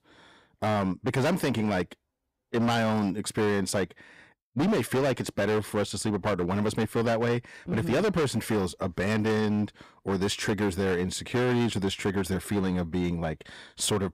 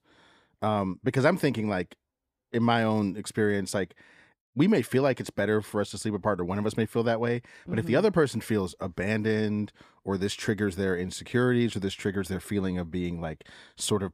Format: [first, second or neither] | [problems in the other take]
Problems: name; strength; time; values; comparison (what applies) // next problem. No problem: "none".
second | distortion; heavy; 17% of the sound clipped